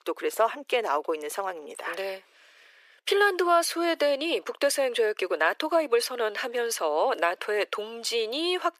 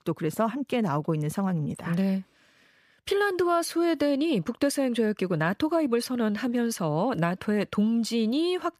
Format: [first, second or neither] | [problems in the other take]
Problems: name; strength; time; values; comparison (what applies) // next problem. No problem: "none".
second | thin; very; fading below 400 Hz